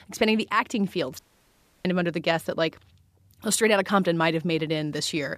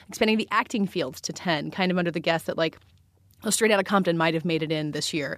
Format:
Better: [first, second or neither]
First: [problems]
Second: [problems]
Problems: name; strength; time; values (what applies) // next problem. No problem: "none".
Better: second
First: audio cutting out; at 1 s for 0.5 s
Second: none